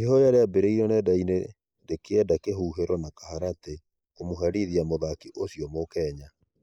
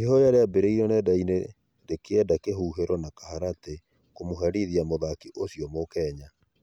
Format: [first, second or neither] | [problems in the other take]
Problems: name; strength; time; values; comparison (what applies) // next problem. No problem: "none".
second | noise reduction (neural mask model Resemble Enhance denoiser)